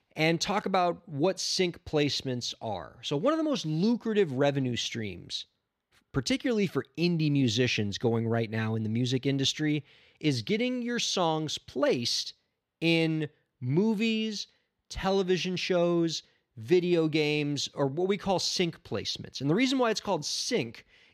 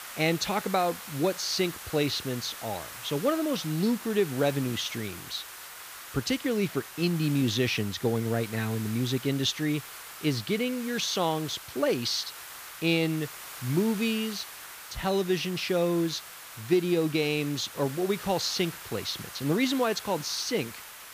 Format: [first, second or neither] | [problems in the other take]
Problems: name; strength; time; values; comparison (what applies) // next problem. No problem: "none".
first | hiss; noticeable; throughout; 10 dB below the speech